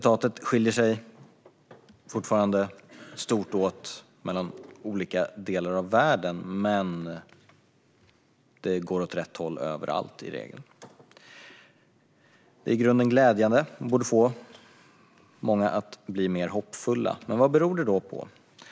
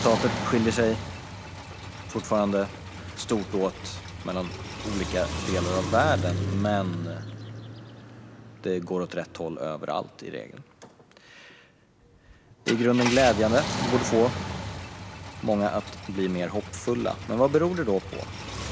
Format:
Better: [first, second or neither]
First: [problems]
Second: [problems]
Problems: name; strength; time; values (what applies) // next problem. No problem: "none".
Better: first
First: none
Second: background sound (Car); 6 dB below the speech